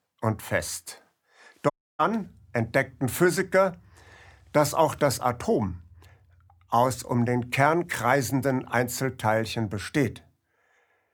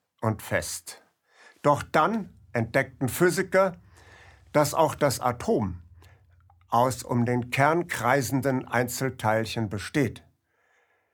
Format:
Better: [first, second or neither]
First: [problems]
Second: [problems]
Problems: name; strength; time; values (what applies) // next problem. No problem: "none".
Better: second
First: audio cutting out; at 1.5 s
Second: none